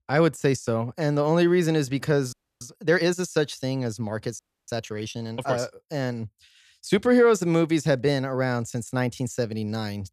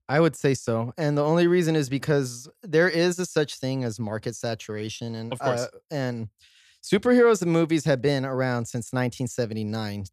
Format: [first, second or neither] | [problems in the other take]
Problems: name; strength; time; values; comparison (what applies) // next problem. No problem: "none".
second | audio freezing; at 2.5 s and at 4.5 s